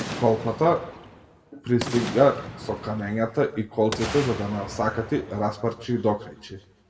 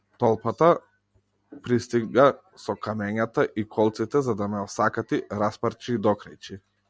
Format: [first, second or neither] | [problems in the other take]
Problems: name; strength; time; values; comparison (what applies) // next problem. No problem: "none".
second | background sound (Boom); 12 dB below the speech // room echo; dies away in 0.7 s